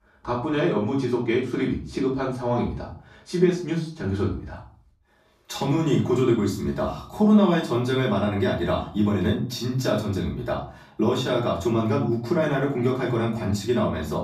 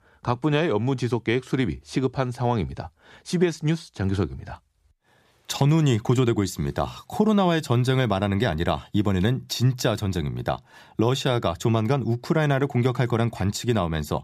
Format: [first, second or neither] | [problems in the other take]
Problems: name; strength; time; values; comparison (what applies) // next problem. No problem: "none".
second | off-mic speech; far // room echo; slight; dies away in 0.4 s